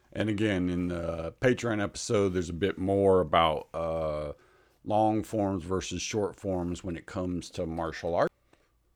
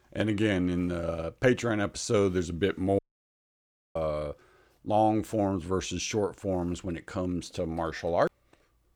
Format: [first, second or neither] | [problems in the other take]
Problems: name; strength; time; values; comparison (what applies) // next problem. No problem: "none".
first | audio cutting out; at 3 s for 1 s